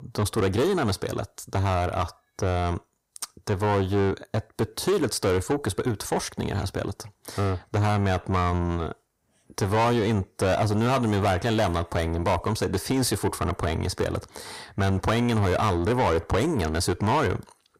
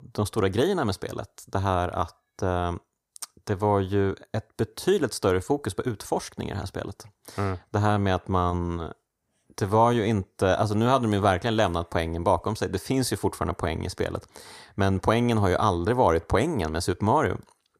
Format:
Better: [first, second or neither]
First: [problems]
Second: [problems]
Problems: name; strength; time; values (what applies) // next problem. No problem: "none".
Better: second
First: distortion; heavy; 8 dB below the speech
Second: none